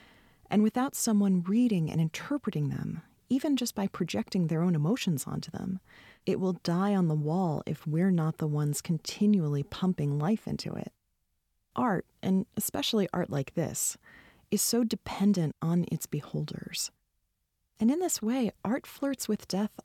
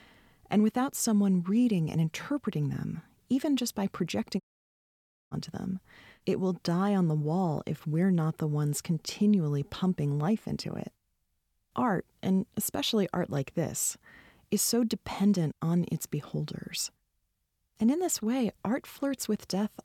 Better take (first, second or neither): first